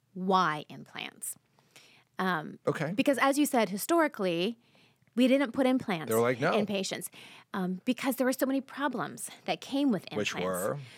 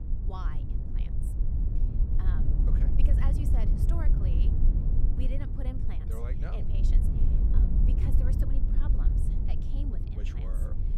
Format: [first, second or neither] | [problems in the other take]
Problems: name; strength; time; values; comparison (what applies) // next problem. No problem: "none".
first | wind noise on the microphone; heavy; 2 dB above the speech